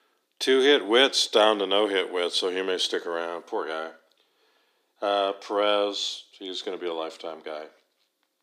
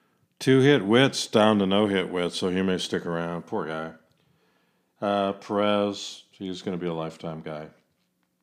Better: second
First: thin; somewhat; fading below 300 Hz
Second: none

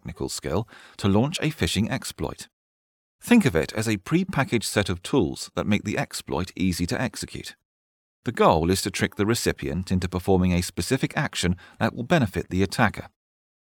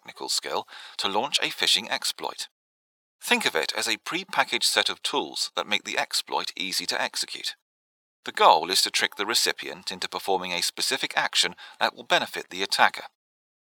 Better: first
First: none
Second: thin; very; fading below 650 Hz

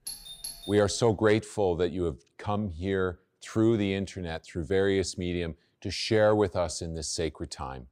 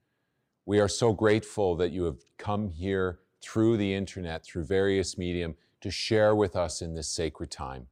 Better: second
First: doorbell; noticeable; at the start; peak 10 dB below the speech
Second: none

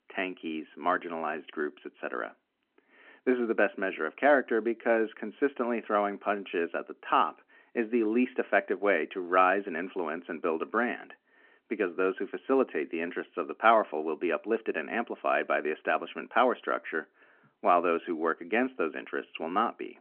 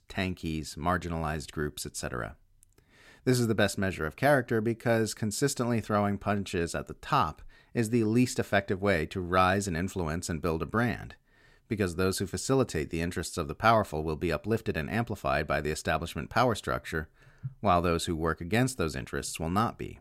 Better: second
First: phone-call audio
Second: none

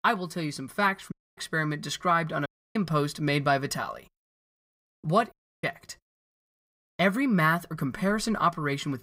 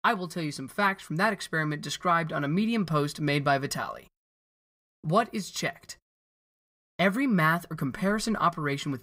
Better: second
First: audio cutting out; at 1 s, at 2.5 s and at 5.5 s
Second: none

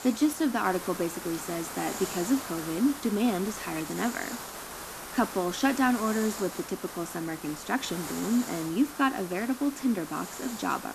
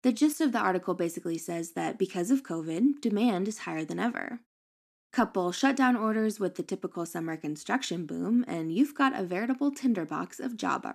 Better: second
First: hiss; loud; throughout; 9 dB below the speech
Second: none

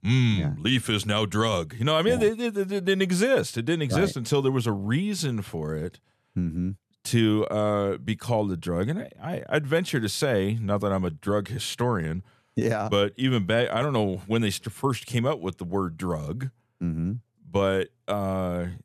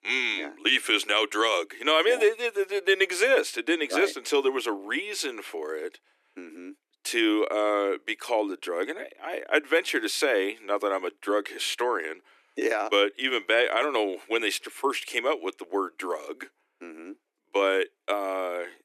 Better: first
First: none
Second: thin; very; fading below 300 Hz

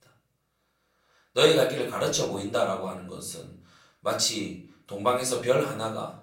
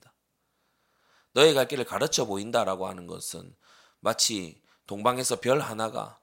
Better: second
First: off-mic speech; far // room echo; slight; dies away in 0.4 s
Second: none

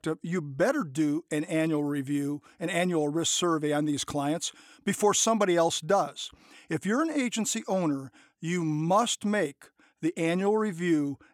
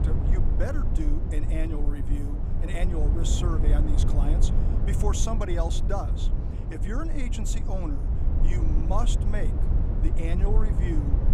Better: first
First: none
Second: low rumble; loud; throughout; 4 dB below the speech

